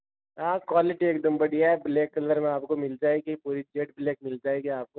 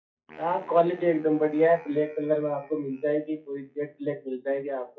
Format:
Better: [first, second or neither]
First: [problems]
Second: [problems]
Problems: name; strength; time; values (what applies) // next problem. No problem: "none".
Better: first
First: none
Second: noise reduction (classical method WPE with log-MMSE)